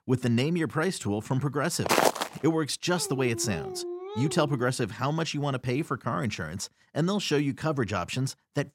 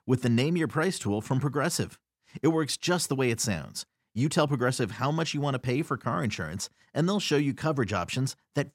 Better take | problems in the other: second | footsteps; loud; at 2 s; peak 5 dB above the speech // dog barking; noticeable; from 3 to 4.5 s; peak 8 dB below the speech

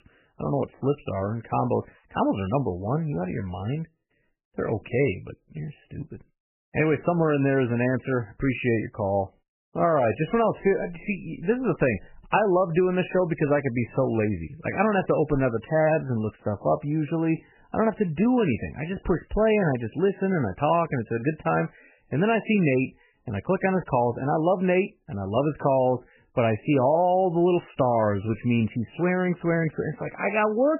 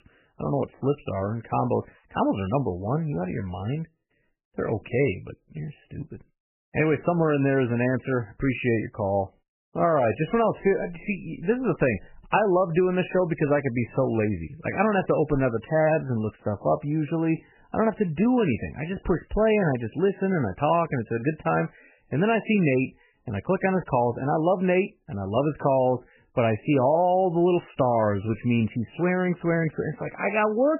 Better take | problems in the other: neither | garbled, watery; badly; nothing above 3 kHz; the same in both

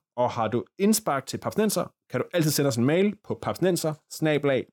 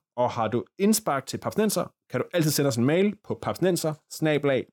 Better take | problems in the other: neither | none

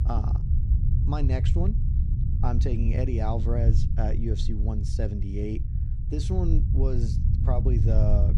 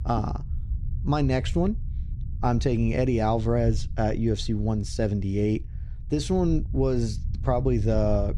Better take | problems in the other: second | low rumble; loud; throughout; 6 dB below the speech; faint in the second

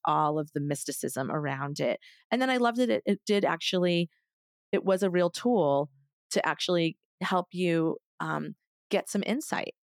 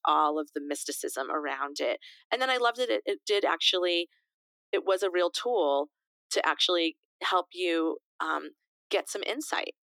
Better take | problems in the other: first | thin; very; fading below 300 Hz

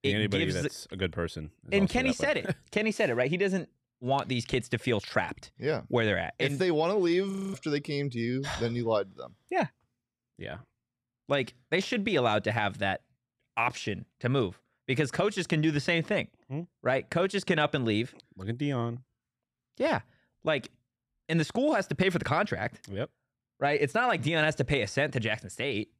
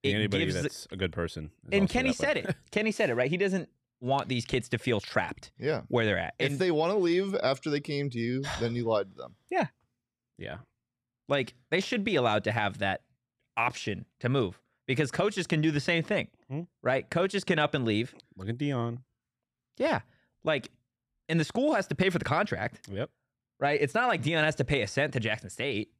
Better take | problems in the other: second | audio freezing; at 7.5 s

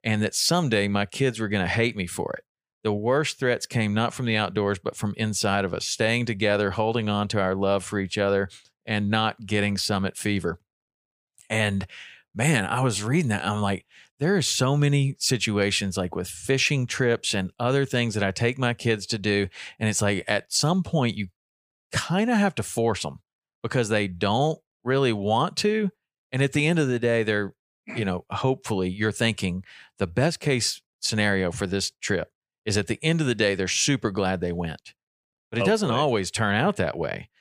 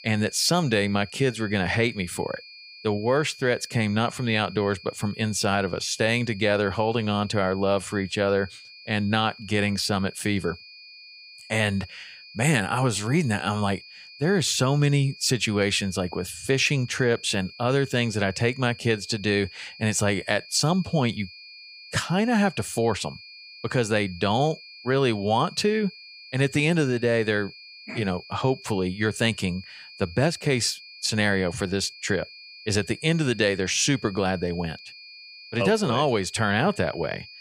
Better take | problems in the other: first | high-pitched whine; noticeable; throughout; 2.5 kHz, 20 dB below the speech

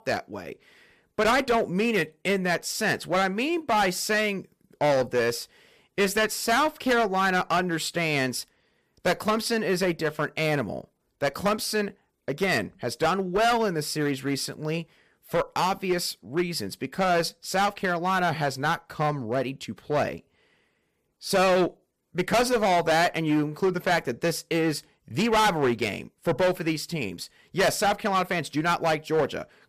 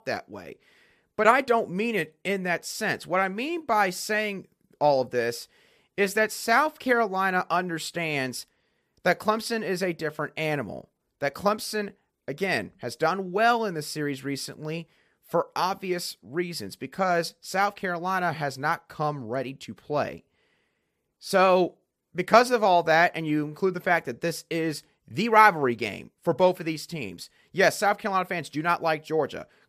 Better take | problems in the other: second | distortion; heavy; 8% of the sound clipped

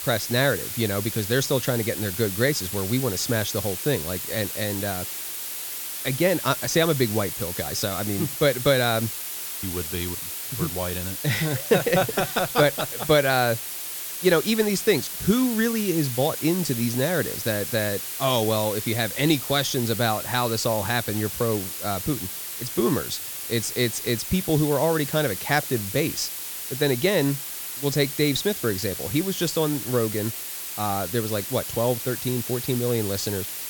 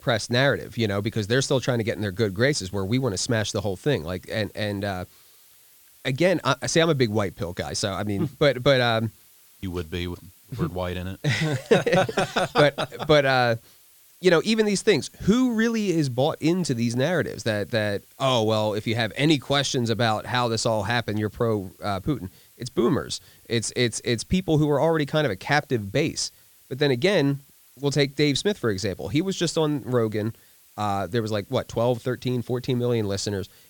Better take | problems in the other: second | hiss; loud; throughout; 5 dB below the speech; faint in the second

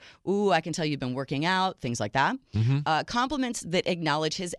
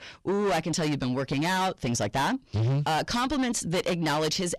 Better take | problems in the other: first | distortion; heavy; 6 dB below the speech

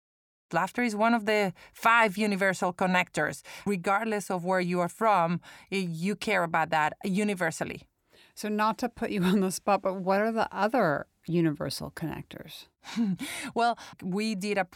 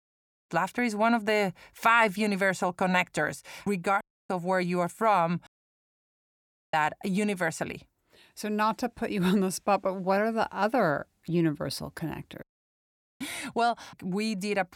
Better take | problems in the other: first | audio cutting out; at 4 s, at 5.5 s for 1.5 s and at 12 s for 1 s

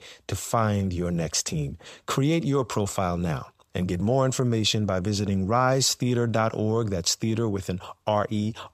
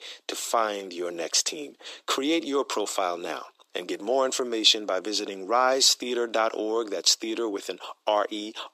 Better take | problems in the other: first | thin; very; fading below 300 Hz

